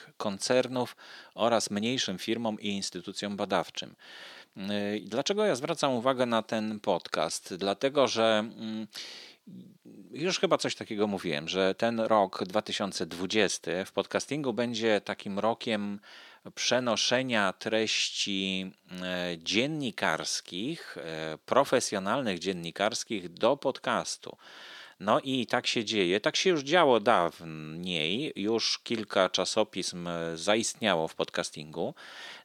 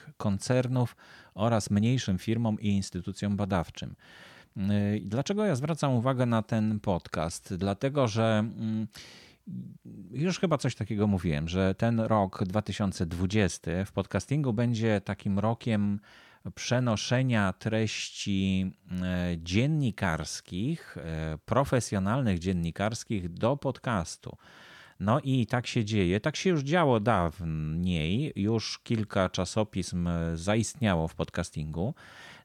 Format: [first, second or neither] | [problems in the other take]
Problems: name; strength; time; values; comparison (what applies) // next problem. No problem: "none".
second | thin; somewhat; fading below 350 Hz